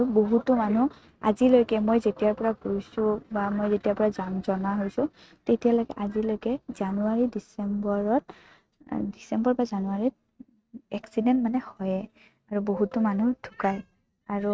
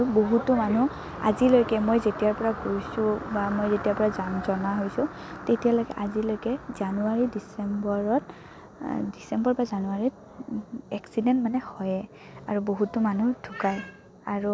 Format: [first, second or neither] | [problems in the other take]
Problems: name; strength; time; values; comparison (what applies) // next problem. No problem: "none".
second | noise reduction (neural mask model RNNoise)